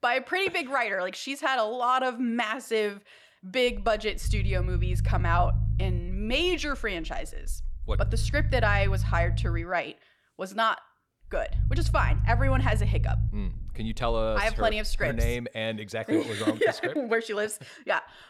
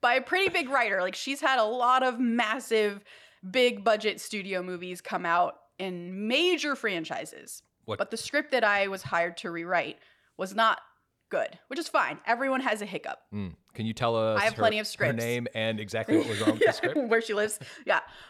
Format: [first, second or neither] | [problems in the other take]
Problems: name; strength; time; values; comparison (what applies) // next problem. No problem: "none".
second | low rumble; noticeable; from 3.5 to 9.5 s and from 11 to 15 s; 15 dB below the speech